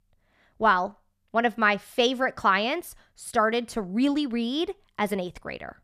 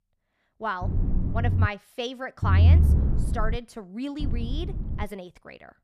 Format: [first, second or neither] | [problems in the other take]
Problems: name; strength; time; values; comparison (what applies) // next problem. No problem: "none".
first | low rumble; loud; at 1 s, from 2.5 to 3.5 s and at 4 s; 6 dB below the speech